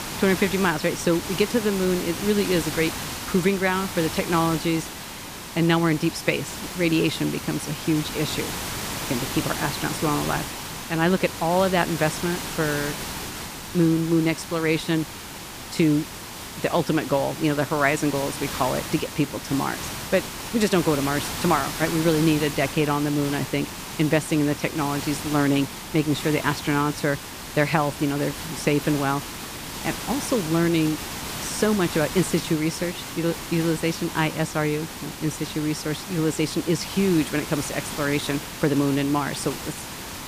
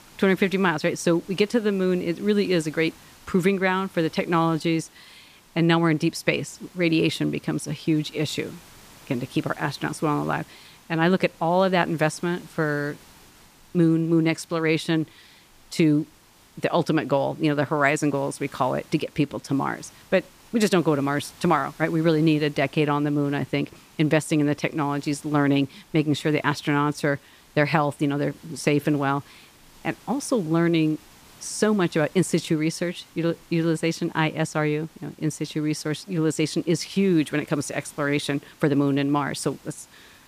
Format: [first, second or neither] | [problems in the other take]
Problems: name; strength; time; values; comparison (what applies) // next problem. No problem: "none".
second | hiss; loud; throughout; 8 dB below the speech; faint in the second